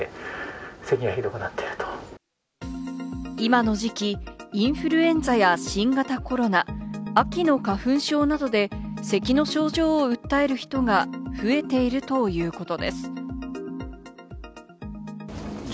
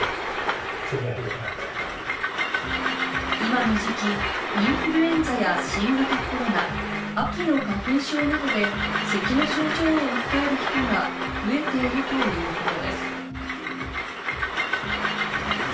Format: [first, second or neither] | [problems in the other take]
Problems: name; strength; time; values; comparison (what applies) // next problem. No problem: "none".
first | background sound (Train); 1 dB below the speech // room echo; dies away in 0.3 s